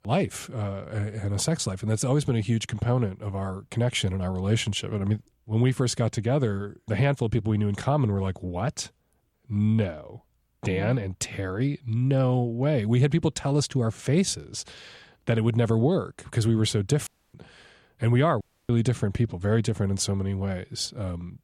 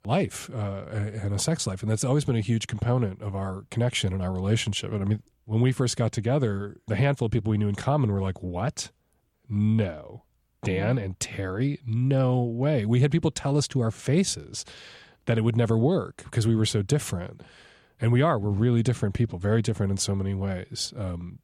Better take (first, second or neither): second